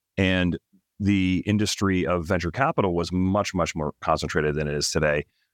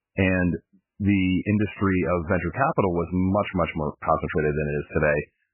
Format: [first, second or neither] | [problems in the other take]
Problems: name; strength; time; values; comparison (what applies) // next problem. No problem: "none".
first | garbled, watery; badly; nothing above 3 kHz